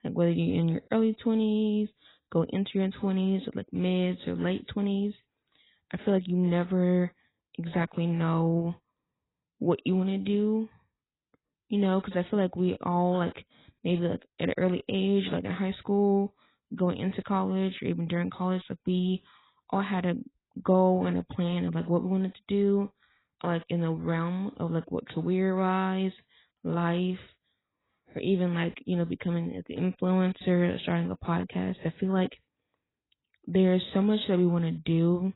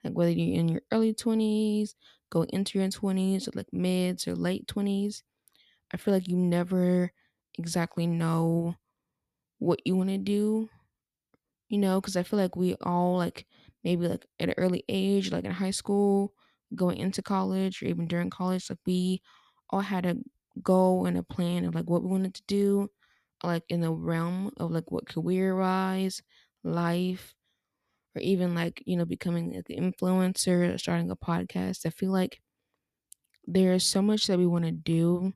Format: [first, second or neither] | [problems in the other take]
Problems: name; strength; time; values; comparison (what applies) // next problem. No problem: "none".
second | garbled, watery; badly; nothing above 4 kHz